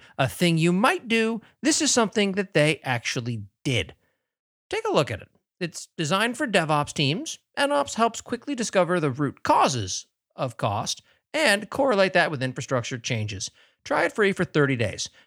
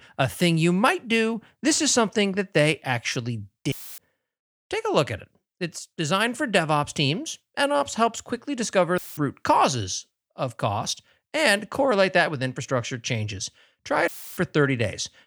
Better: first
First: none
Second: audio cutting out; filled with static; at 3.5 s, at 9 s and at 14 s

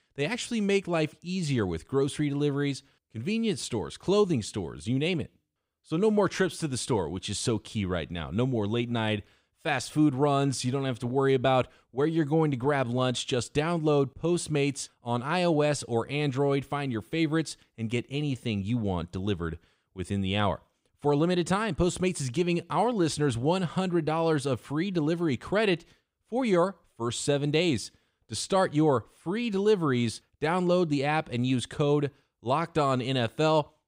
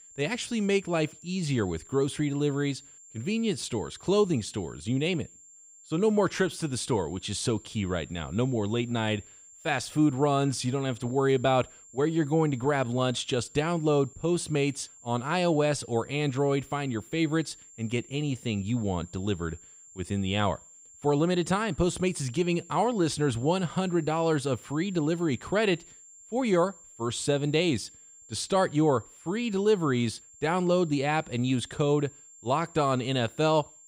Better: first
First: none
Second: high-pitched whine; faint; throughout; 7.5 kHz, 20 dB below the speech

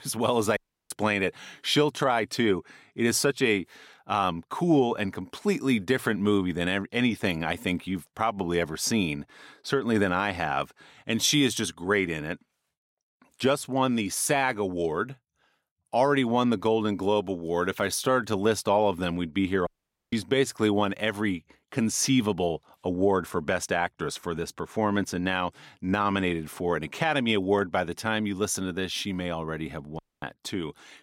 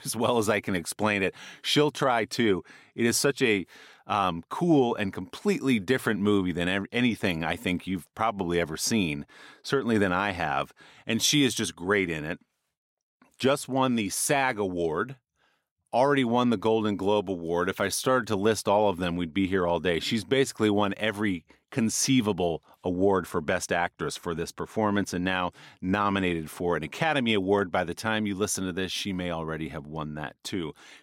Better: second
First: audio cutting out; at 0.5 s, at 20 s and at 30 s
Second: none

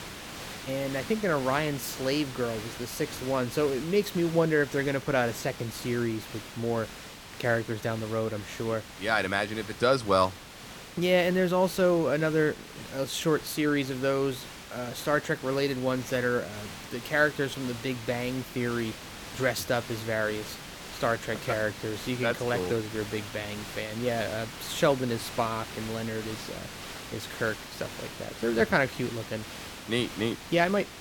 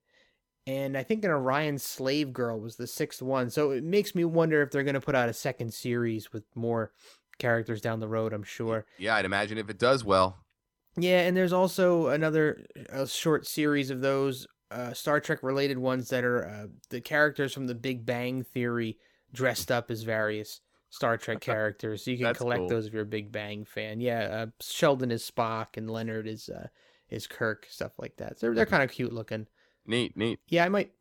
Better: second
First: hiss; noticeable; throughout; 10 dB below the speech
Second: none

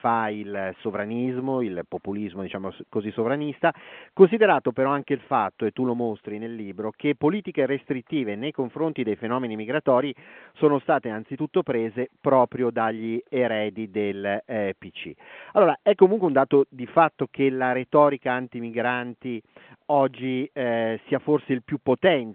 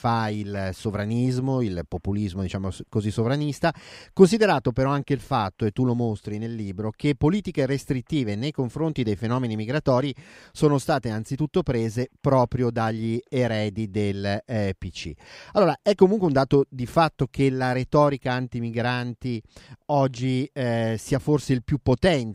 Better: second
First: phone-call audio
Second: none

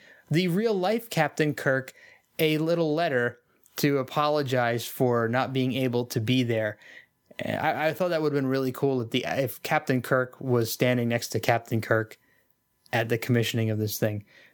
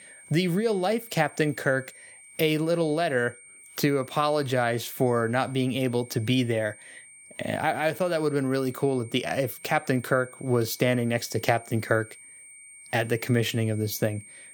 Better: first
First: none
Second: high-pitched whine; noticeable; throughout; 8.5 kHz, 20 dB below the speech

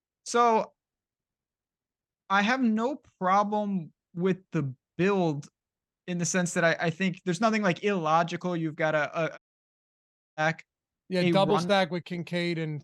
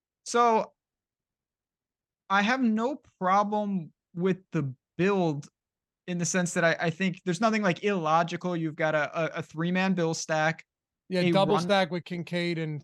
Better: second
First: audio cutting out; at 9.5 s for 1 s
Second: none

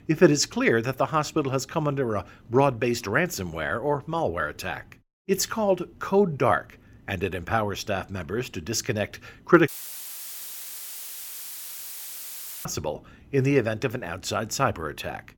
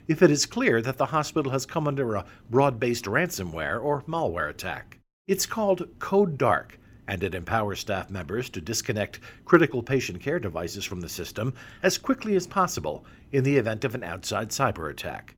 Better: second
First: audio cutting out; filled with static; at 9.5 s for 3 s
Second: none

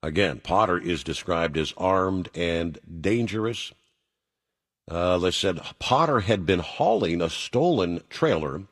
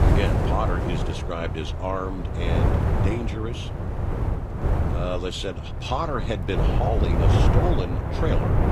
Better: first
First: none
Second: wind noise on the microphone; heavy; 1 dB below the speech

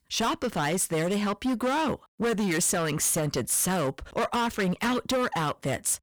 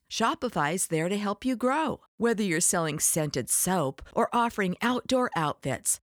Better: second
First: distortion; heavy; 22% of the sound clipped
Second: none

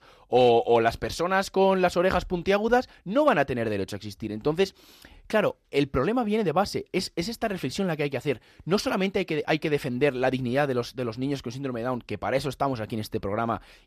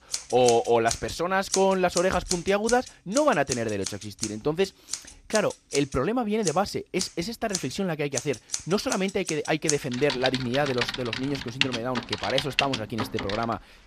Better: first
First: none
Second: household noises; loud; throughout; 5 dB below the speech

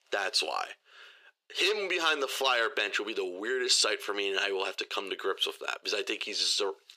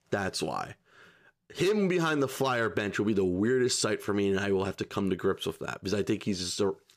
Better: second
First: thin; very; fading below 450 Hz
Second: none

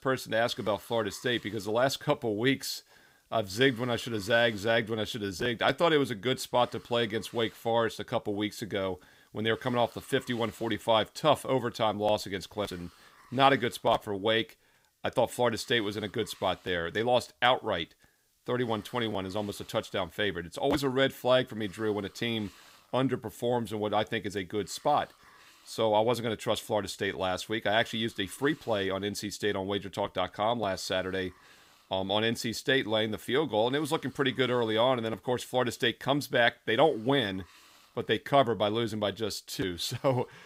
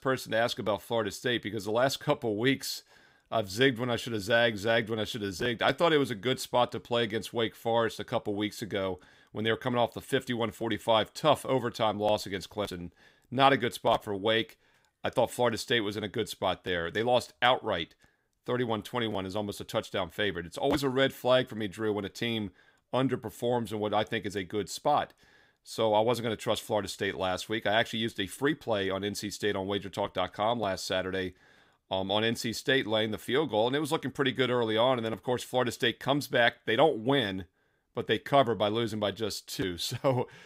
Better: second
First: hiss; faint; throughout; 30 dB below the speech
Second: none

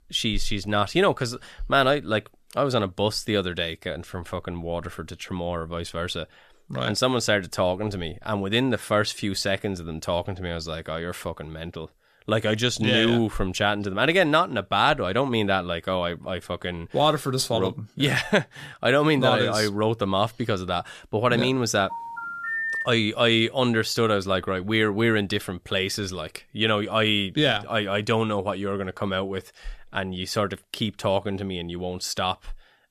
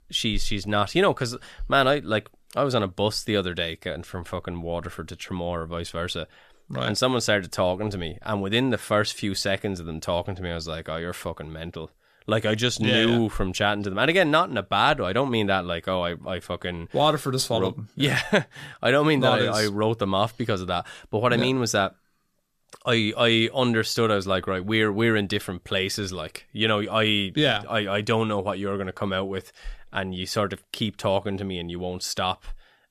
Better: second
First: phone ringing; noticeable; at 22 s; peak 1 dB below the speech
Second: none

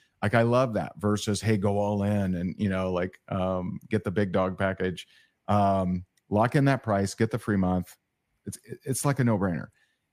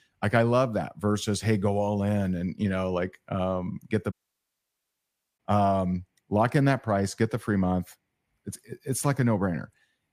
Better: first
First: none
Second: audio cutting out; at 4 s for 1.5 s

